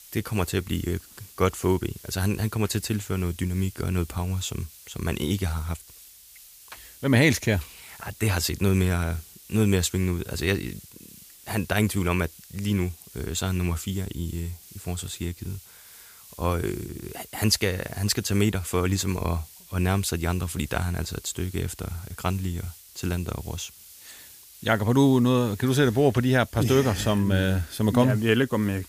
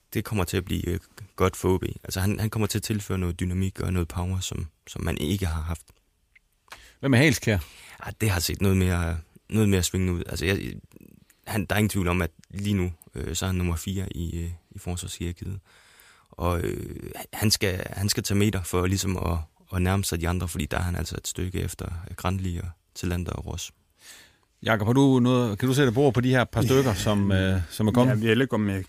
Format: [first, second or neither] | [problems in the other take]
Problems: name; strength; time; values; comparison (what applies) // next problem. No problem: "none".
second | hiss; faint; throughout; 20 dB below the speech